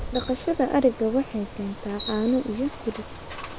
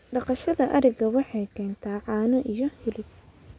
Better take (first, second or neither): second